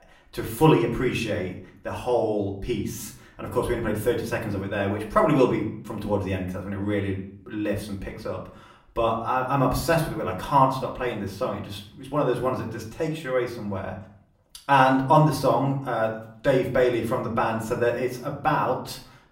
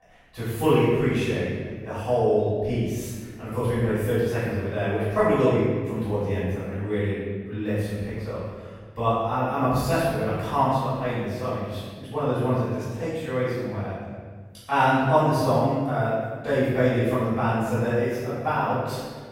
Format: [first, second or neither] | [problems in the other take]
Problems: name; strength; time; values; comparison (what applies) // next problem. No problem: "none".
first | room echo; strong; dies away in 1.5 s; slight in the first // off-mic speech; far; far in the first